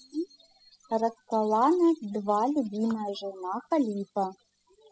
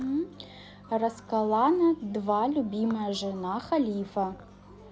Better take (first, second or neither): second